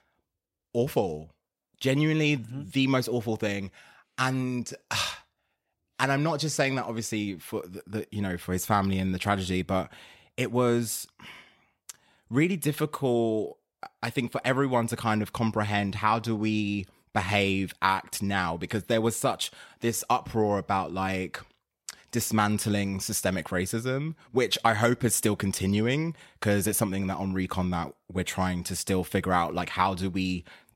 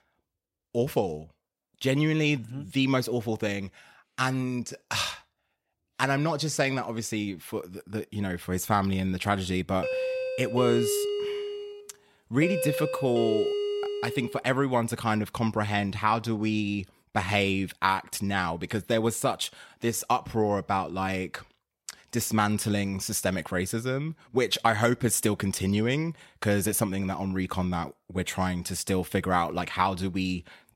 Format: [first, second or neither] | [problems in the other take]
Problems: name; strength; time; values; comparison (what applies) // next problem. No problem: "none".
first | doorbell; loud; from 10 to 14 s; peak level with the speech